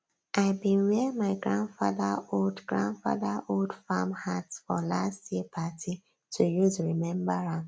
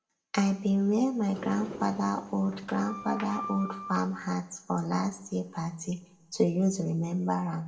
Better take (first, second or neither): first